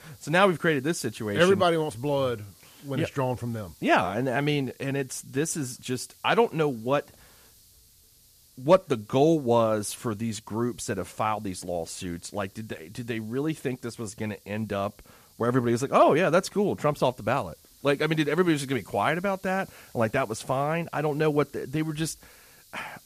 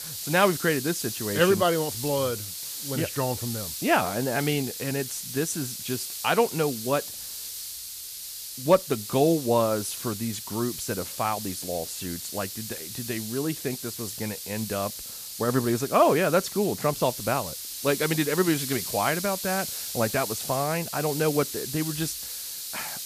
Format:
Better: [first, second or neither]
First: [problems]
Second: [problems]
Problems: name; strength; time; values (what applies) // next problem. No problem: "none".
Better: first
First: hiss; faint; throughout; 25 dB below the speech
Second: hiss; loud; throughout; 6 dB below the speech